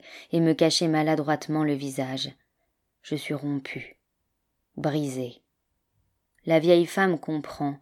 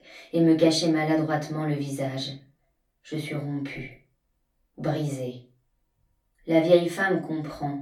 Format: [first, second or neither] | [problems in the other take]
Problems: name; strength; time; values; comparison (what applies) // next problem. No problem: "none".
first | off-mic speech; far // room echo; very slight; dies away in 0.3 s